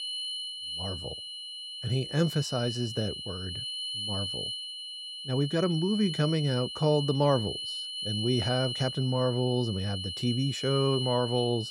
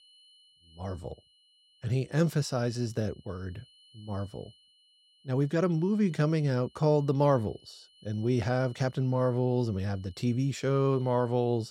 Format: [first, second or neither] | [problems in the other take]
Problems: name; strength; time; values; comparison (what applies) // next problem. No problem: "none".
second | high-pitched whine; loud; throughout; 3 kHz, 5 dB below the speech; faint in the second